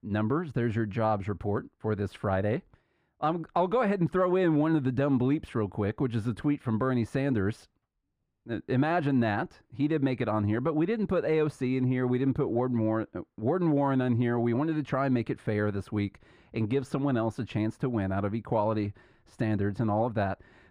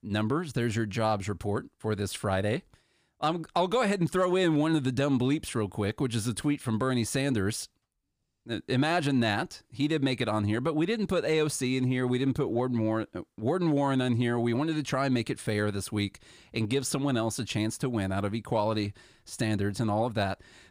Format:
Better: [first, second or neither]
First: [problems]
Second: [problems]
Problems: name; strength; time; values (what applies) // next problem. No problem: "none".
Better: second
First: muffled; very; fading above 3 kHz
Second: none